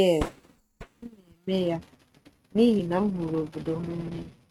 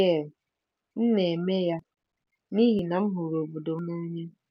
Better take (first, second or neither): second